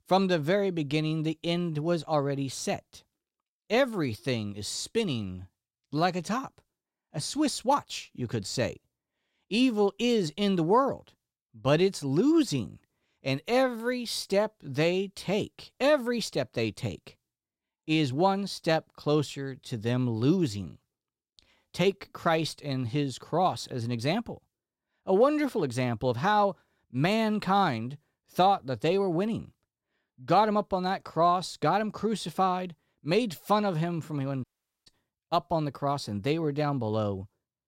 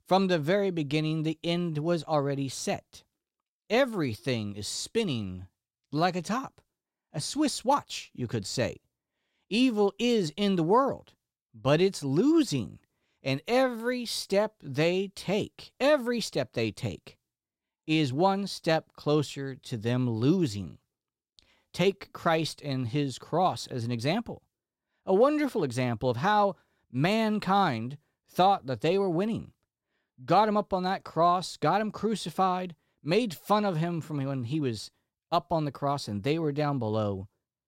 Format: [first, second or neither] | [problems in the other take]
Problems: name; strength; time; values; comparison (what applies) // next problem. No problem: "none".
second | audio cutting out; at 34 s